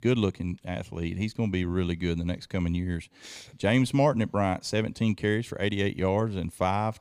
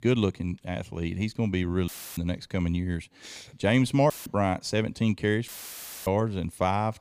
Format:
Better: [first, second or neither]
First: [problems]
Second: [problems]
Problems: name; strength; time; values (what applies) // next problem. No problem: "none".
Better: first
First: none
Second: audio cutting out; filled with static; at 2 s, at 4 s and at 5.5 s for 0.5 s